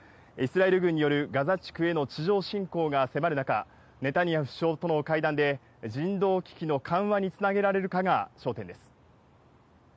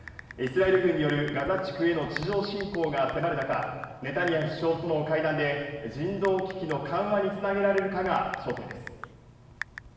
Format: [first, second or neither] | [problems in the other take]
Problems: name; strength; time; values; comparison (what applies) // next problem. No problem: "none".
first | background sound (Typing); 15 dB below the speech // room echo; dies away in 1.2 s